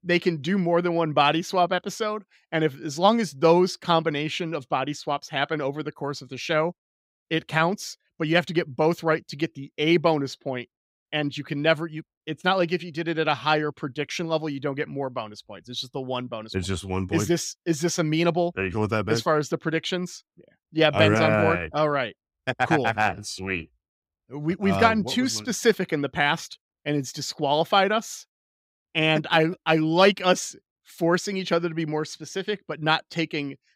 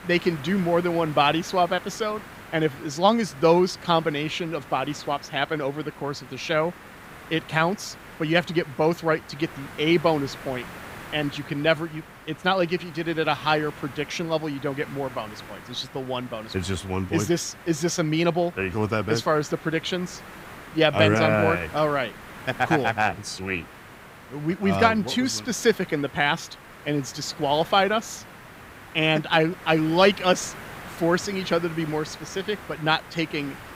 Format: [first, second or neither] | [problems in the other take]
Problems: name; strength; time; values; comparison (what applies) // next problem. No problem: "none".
first | hiss; noticeable; throughout; 15 dB below the speech